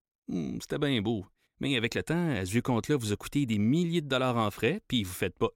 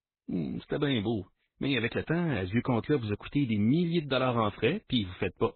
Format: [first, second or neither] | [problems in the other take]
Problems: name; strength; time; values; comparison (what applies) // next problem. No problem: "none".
first | garbled, watery; badly; nothing above 4 kHz